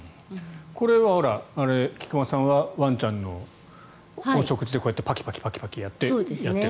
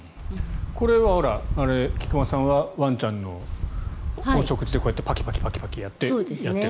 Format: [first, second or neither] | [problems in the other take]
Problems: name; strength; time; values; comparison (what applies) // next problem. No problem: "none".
first | background sound (Wind); 3 dB below the speech